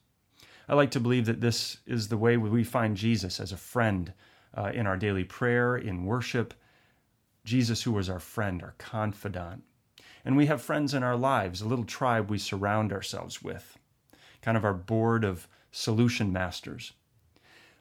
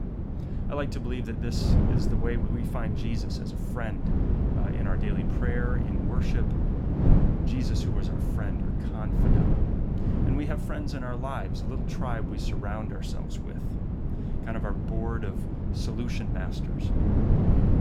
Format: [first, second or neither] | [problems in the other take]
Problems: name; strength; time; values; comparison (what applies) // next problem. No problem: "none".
first | wind noise on the microphone; heavy; as loud as the speech